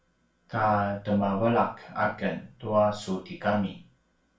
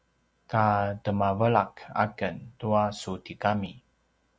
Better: second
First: room echo; dies away in 0.3 s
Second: none

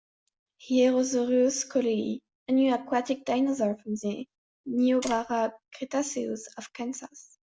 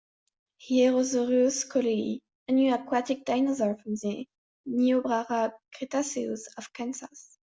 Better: second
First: background sound (Tap); 13 dB below the speech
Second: none

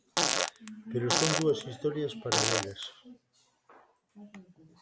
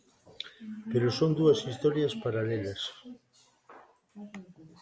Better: second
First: background sound (Fart); 4 dB above the speech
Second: none

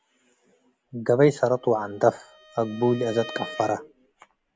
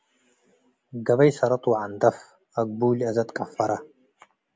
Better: second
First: background sound (Bowed string instrument); 18 dB below the speech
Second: none

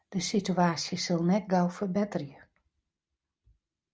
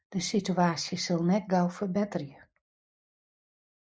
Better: first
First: none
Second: noise reduction (neural mask model Resemble Enhance denoiser)

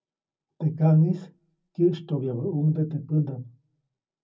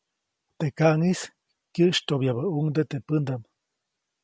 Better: second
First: room echo; dies away in 0.4 s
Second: none

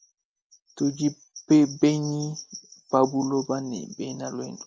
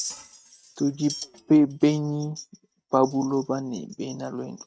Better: first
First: none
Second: noise reduction (neural mask model RNNoise)

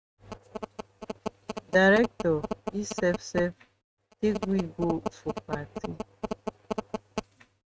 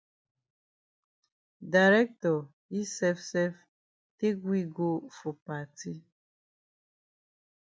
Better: second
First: noise reduction (neural mask model RNNoise)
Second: none

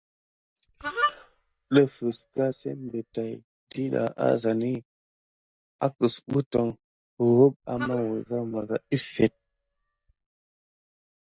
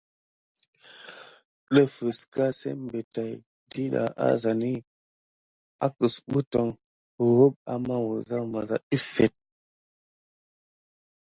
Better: second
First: noise reduction (neural mask model DeepFilterNet 3)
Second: none

